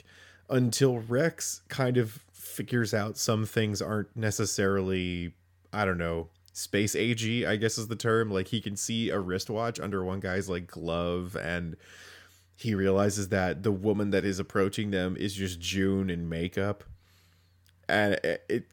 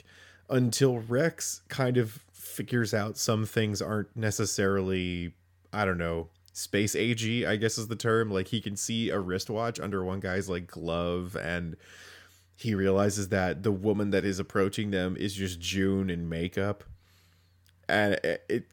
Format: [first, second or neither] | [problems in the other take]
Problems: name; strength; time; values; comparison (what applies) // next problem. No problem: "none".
neither | none